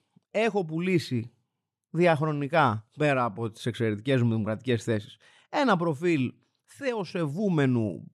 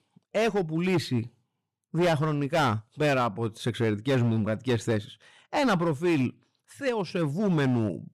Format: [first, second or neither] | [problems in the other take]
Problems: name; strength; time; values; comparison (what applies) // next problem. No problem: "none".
first | distortion; slight; 9% of the sound clipped